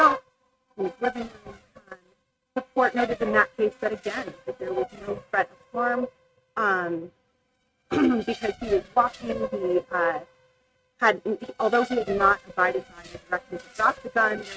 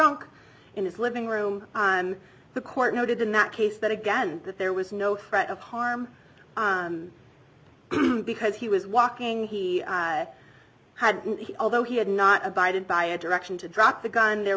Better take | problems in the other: second | noise reduction (neural mask model RNNoise)

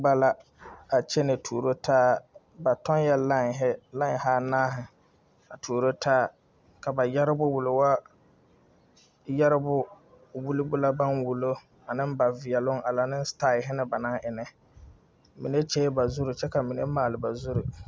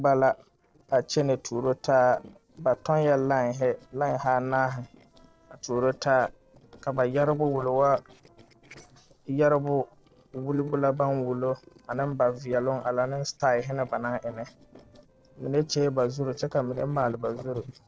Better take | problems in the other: first | noise reduction (neural separator model SepFormer DNS4)

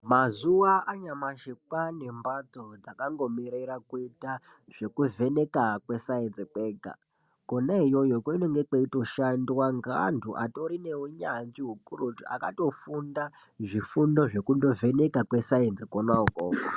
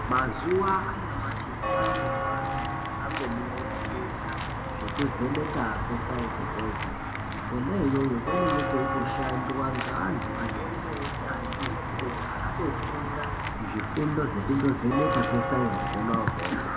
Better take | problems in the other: first | background sound (Walk, footsteps / Bell); as loud as the speech // room echo; dies away in 1.9 s

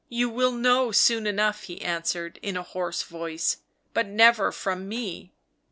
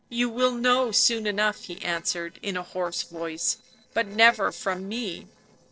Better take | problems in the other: first | noise reduction (neural separator model SepFormer DNS4)

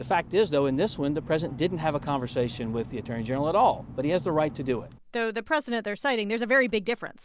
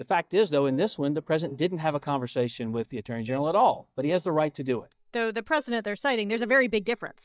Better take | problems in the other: first | noise reduction (neural mask model DeepFilterNet 3)

